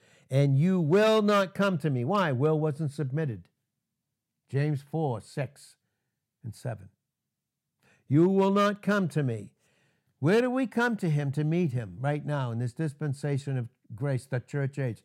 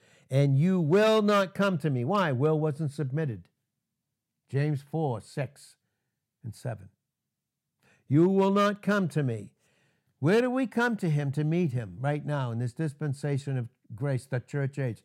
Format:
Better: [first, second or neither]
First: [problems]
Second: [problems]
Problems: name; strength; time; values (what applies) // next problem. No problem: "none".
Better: neither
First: none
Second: none